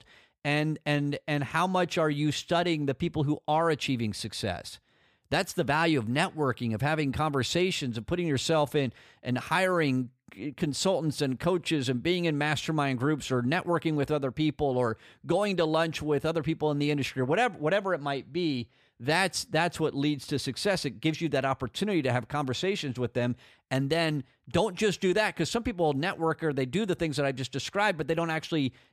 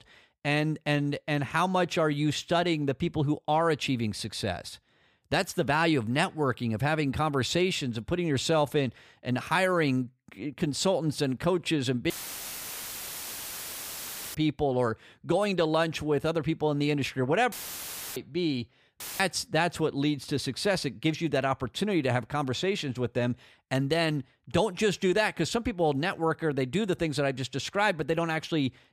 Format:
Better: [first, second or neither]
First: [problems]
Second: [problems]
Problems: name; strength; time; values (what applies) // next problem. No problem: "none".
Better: first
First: none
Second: audio cutting out; filled with static; at 12 s for 2.5 s, at 18 s for 0.5 s and at 19 s